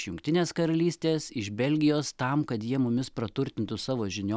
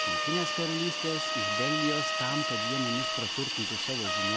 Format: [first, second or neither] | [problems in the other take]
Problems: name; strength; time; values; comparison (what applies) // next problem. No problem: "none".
first | background sound (Hiss + Trumpet); 4 dB above the speech